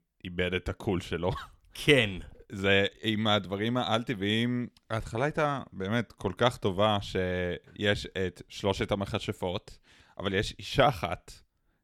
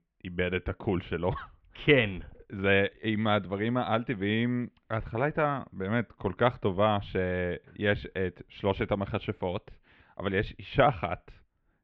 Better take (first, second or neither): first